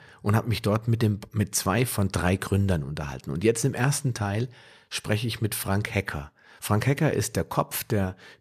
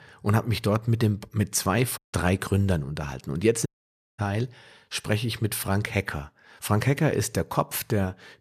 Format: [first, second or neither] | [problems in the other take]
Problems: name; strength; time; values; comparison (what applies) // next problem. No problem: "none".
first | audio cutting out; at 2 s and at 3.5 s for 0.5 s